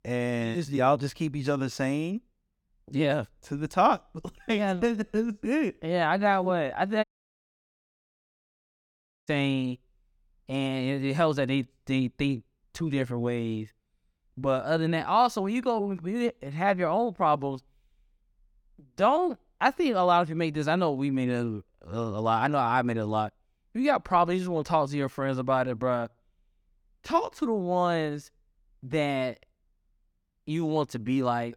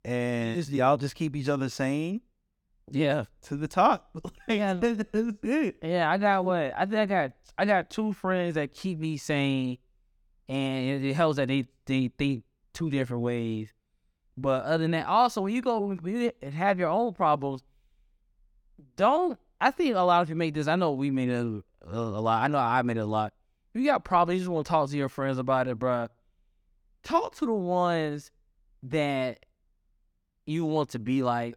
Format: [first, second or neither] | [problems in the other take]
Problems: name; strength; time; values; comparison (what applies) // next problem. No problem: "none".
second | audio cutting out; at 7 s for 2 s